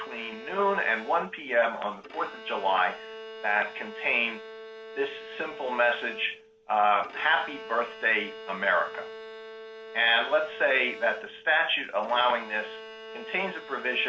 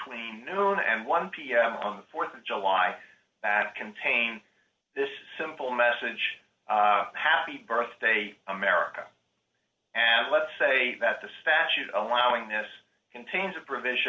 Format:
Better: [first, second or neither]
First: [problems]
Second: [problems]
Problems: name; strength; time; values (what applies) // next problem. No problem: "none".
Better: second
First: background sound (Bowed string instrument); 14 dB below the speech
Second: none